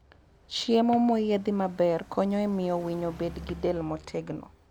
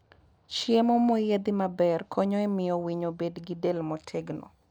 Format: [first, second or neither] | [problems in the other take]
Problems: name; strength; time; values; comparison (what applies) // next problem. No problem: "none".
second | background sound (Drawer open or close + Car passing by); 20 dB below the speech